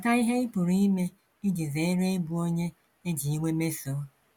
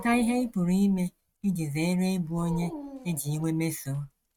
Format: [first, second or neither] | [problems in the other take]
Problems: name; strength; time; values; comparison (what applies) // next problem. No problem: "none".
first | noise reduction (neural mask model RNNoise)